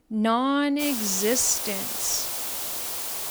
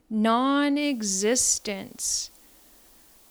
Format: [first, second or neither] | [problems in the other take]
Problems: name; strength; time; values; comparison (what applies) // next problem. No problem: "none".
second | hiss; loud; from 1 s on; 3 dB below the speech; faint in the second